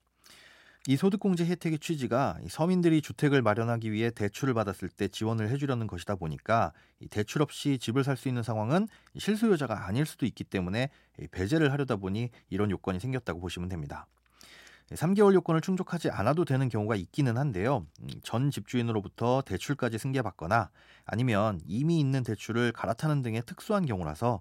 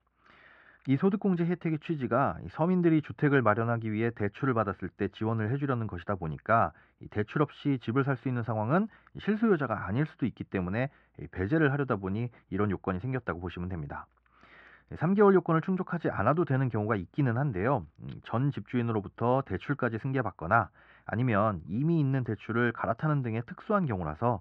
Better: first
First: none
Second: muffled; very; fading above 2.5 kHz

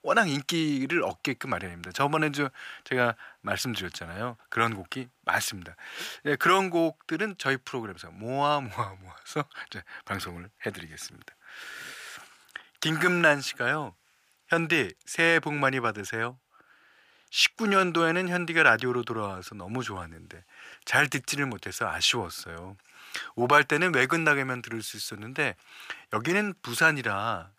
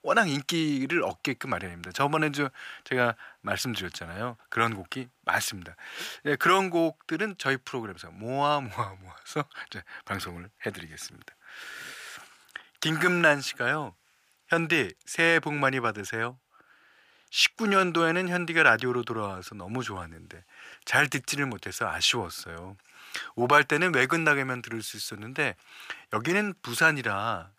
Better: neither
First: thin; very; fading below 750 Hz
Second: thin; very; fading below 750 Hz

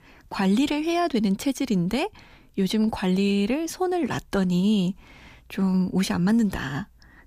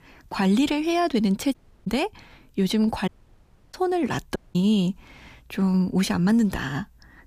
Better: first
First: none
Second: audio cutting out; at 1.5 s, at 3 s for 0.5 s and at 4.5 s

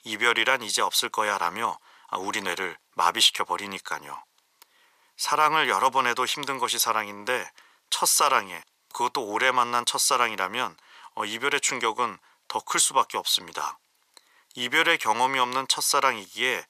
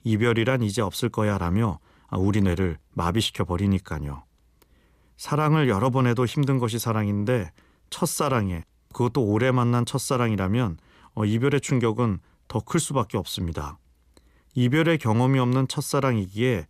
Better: second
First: thin; very; fading below 900 Hz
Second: none

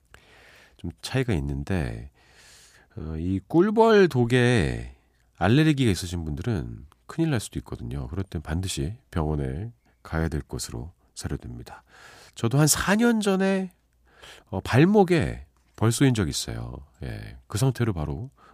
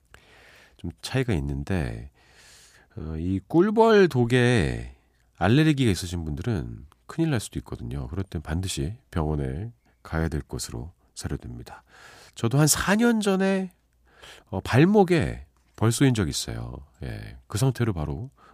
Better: neither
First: none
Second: none

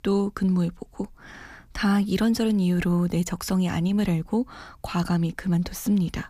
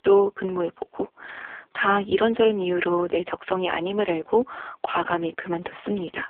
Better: first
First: none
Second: phone-call audio; poor line

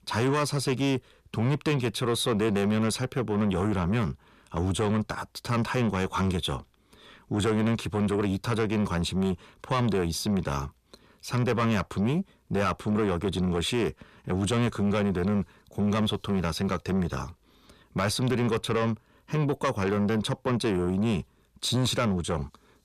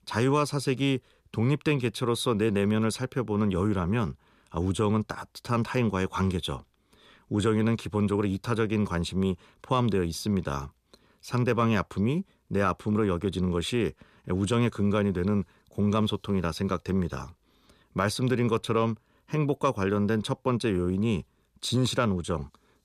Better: second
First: distortion; slight; 10 dB below the speech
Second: none

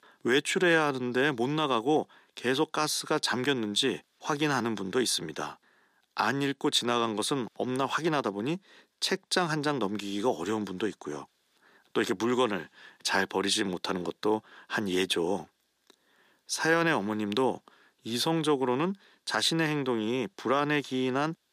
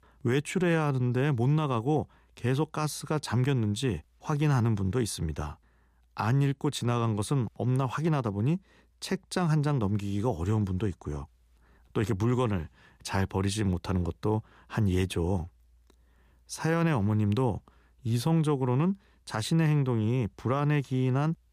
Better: second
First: thin; somewhat; fading below 250 Hz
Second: none

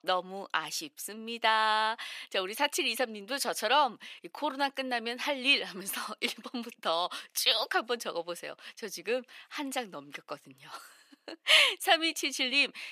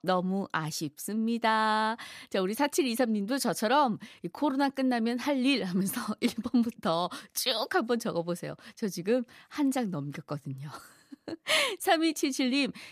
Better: second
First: thin; somewhat; fading below 500 Hz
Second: none

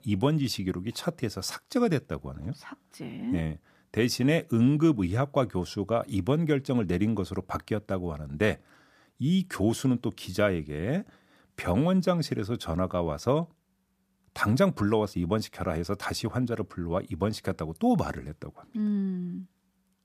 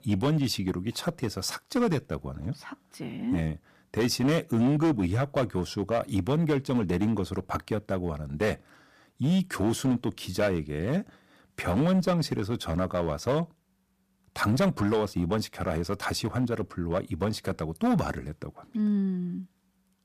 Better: first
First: none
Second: distortion; slight; 6% of the sound clipped

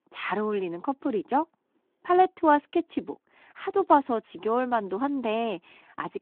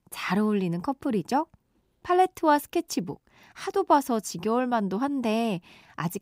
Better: second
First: phone-call audio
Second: none

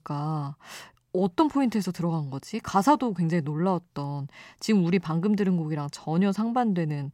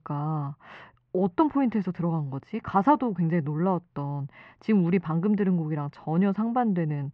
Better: first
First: none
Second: muffled; very; fading above 2.5 kHz

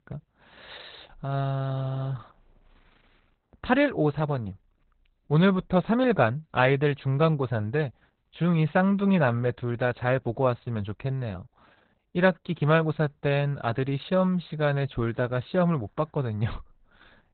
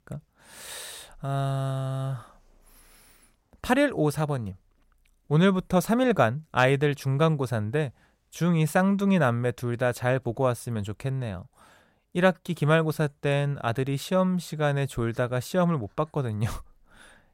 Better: second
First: garbled, watery; badly; nothing above 4 kHz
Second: none

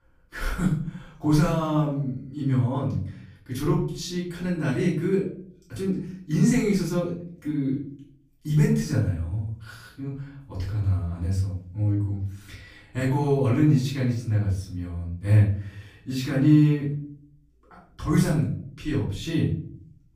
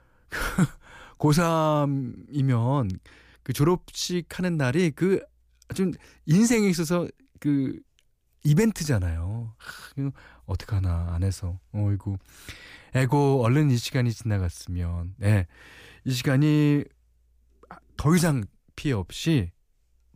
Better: second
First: off-mic speech; far // room echo; noticeable; dies away in 0.5 s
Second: none

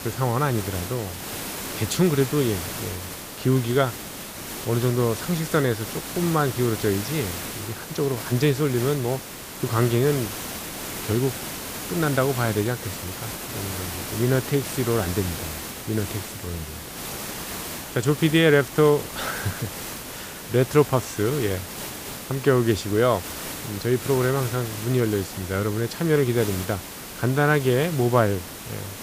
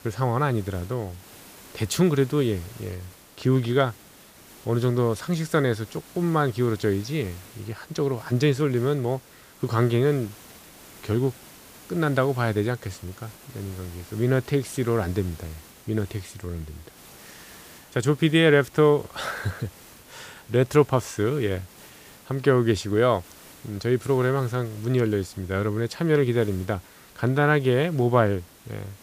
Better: second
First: hiss; loud; throughout; 9 dB below the speech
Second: hiss; faint; throughout; 20 dB below the speech

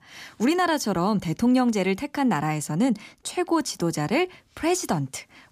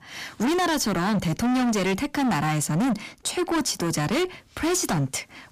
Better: first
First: none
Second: distortion; heavy; 27% of the sound clipped

